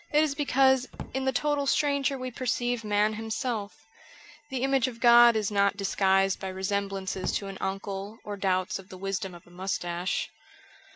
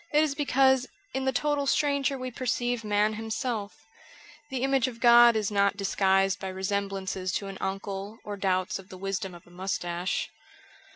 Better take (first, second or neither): second